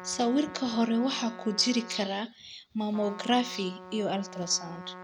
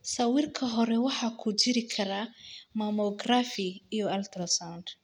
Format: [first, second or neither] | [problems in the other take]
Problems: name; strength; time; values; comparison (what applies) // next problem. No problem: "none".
second | background sound (Trumpet); 15 dB below the speech